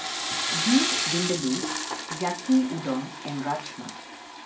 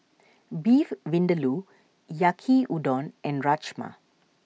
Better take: second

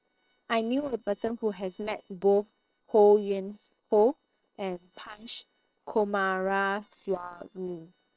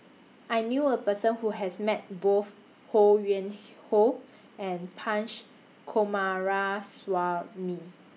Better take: second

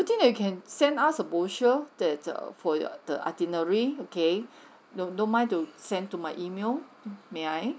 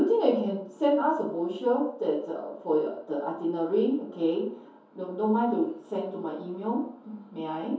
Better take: first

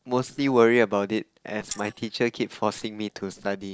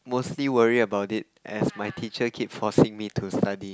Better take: second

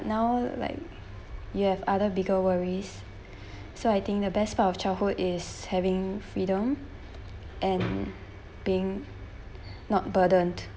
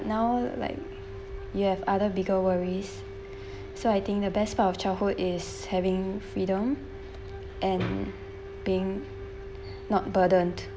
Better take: first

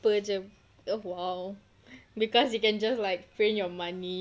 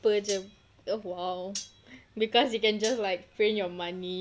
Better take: first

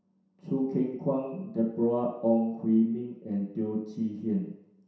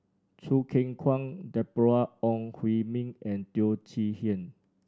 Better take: second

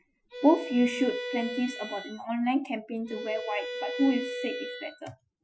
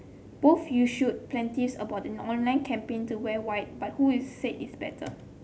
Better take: second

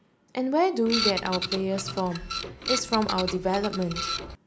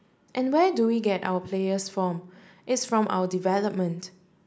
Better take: second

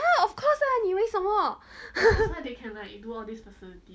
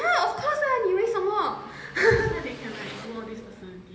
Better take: first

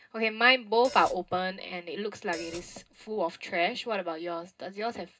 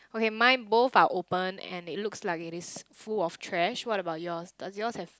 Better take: second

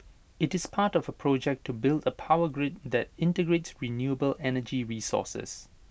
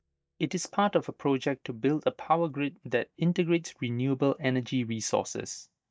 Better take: first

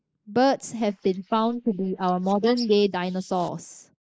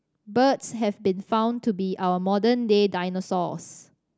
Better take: second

